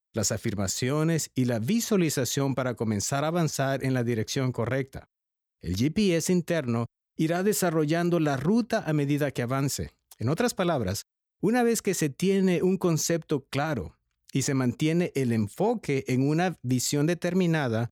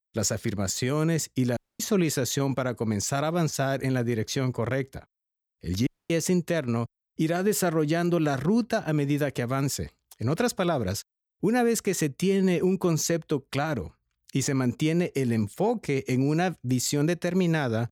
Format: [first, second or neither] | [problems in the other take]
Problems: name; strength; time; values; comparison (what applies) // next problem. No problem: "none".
first | audio cutting out; at 1.5 s and at 6 s